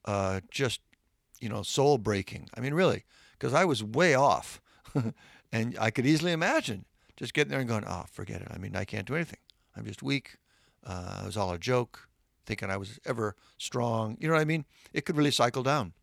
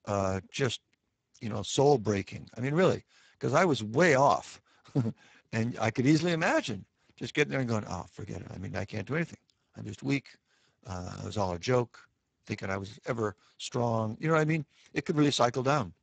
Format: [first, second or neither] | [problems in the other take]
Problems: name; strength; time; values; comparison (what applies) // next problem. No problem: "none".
first | garbled, watery; badly; nothing above 8 kHz